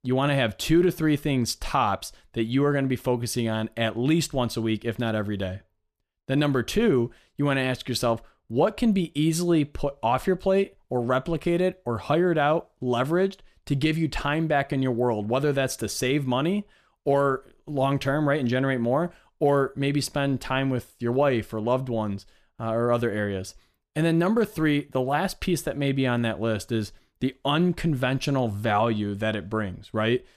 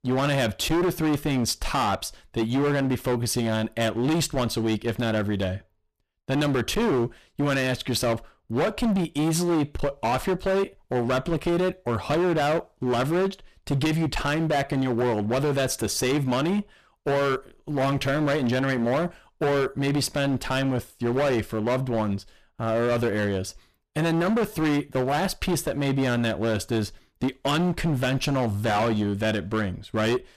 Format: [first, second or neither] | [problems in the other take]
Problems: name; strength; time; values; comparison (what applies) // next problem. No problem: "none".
first | distortion; heavy; 21% of the sound clipped